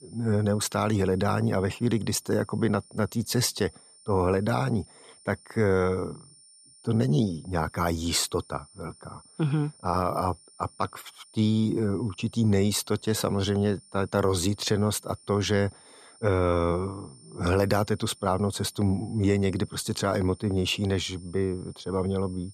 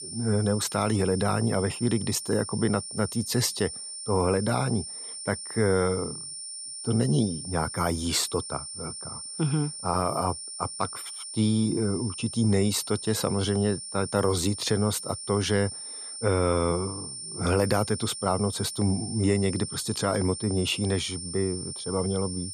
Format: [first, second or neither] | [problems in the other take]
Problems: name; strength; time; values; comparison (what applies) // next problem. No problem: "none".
first | high-pitched whine; loud; throughout; 9 kHz, 8 dB below the speech; faint in the first